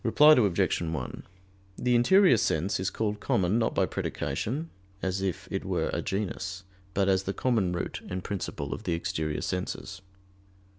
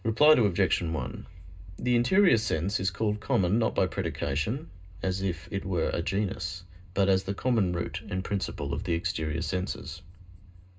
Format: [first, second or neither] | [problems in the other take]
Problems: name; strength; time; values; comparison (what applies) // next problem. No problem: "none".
first | background sound (Thunder / Wind); 18 dB below the speech // room echo; dies away in 0.2 s